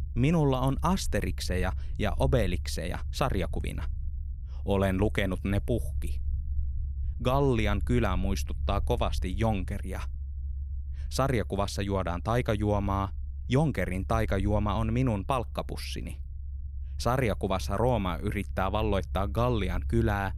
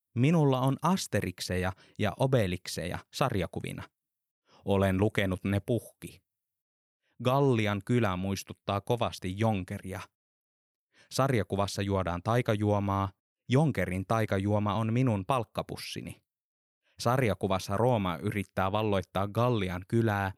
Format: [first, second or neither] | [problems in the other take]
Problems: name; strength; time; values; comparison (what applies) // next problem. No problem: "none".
second | low rumble; faint; throughout; 25 dB below the speech